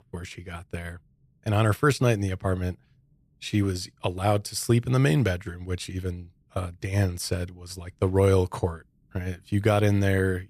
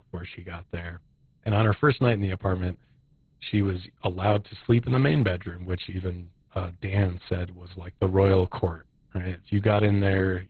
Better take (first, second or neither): first